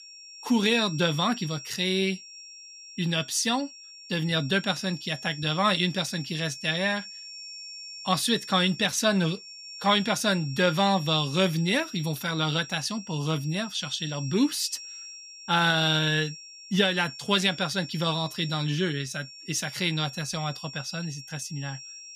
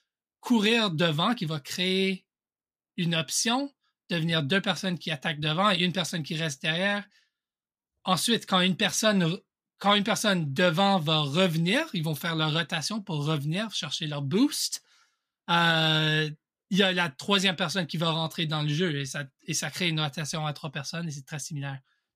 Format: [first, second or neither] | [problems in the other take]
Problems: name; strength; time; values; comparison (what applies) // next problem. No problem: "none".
second | high-pitched whine; noticeable; throughout; 5.5 kHz, 15 dB below the speech